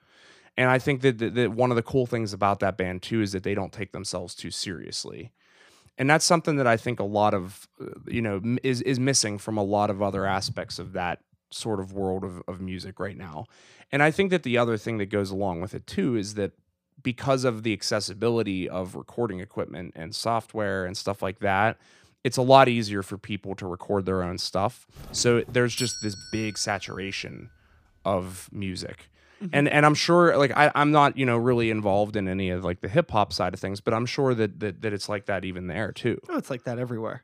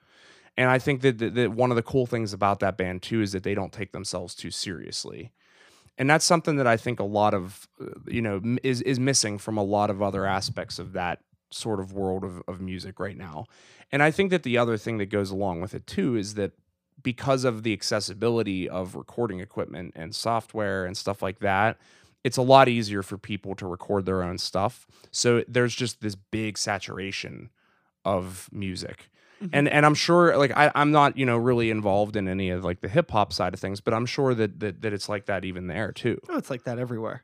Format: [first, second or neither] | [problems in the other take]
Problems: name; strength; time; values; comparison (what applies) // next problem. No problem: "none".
second | doorbell; noticeable; from 25 to 27 s; peak 6 dB below the speech